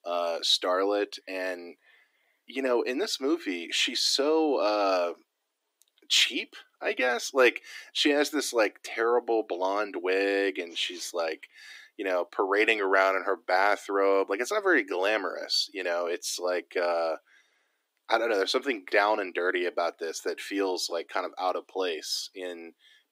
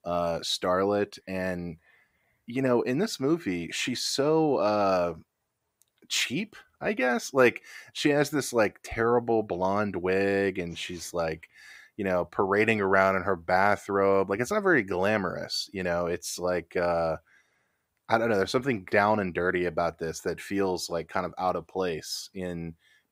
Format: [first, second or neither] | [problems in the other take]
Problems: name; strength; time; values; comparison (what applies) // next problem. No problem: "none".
second | thin; very slightly; fading below 300 Hz